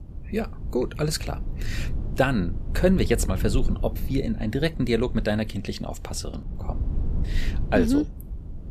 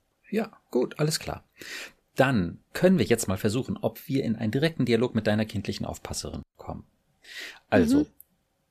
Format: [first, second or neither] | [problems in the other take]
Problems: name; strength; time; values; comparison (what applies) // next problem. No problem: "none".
second | low rumble; noticeable; throughout; 15 dB below the speech